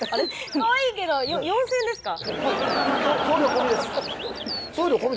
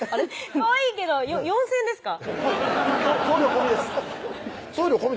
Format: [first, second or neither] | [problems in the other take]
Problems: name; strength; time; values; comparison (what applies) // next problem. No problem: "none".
second | background sound (Bird vocalization, bird call, bird song); 13 dB below the speech